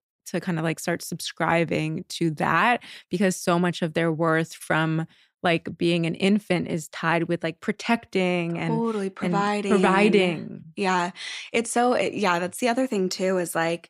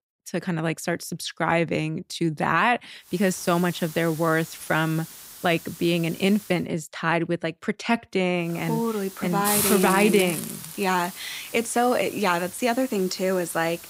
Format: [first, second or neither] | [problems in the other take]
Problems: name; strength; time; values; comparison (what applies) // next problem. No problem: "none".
first | hiss; loud; from 3 to 6.5 s and from 8.5 s on; 9 dB below the speech